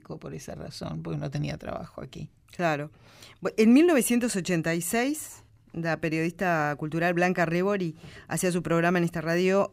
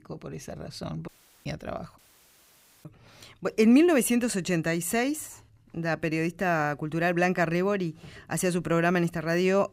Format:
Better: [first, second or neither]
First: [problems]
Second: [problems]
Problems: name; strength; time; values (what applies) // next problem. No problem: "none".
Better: first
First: none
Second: audio cutting out; at 1 s and at 2 s for 1 s